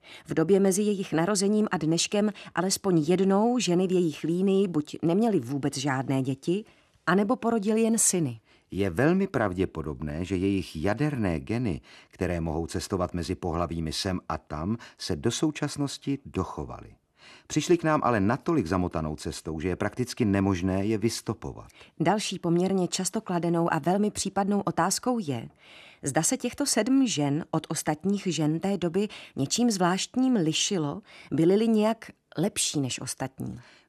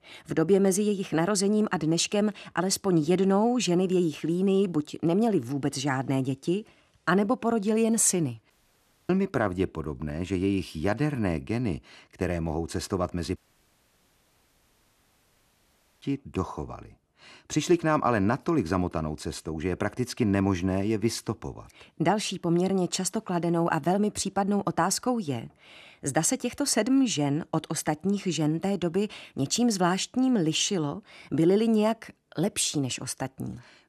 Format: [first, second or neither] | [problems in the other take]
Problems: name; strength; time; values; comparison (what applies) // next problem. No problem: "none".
first | audio cutting out; at 8.5 s for 0.5 s and at 13 s for 2.5 s